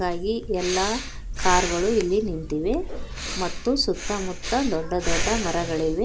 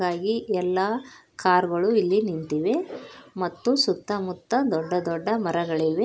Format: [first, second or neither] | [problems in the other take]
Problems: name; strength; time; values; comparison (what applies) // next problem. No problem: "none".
second | background sound (Breathing); 3 dB below the speech